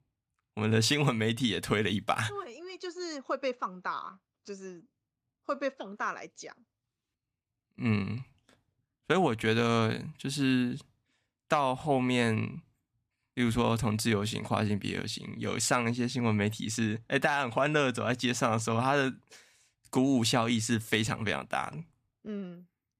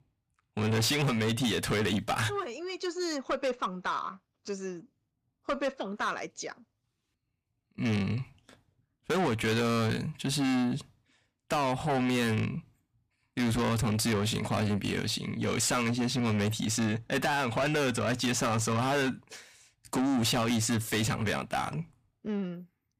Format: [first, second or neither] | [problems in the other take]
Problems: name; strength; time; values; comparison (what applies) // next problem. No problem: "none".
first | distortion; heavy; 6 dB below the speech